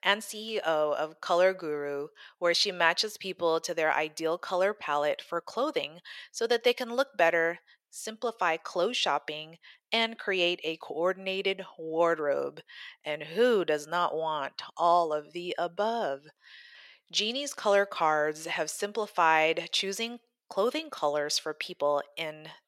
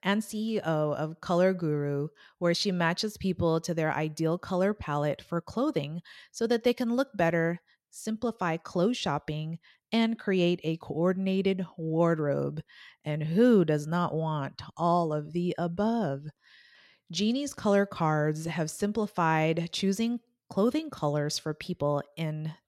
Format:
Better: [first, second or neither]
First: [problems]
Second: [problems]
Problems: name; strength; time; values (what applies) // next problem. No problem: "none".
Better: second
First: thin; very; fading below 550 Hz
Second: none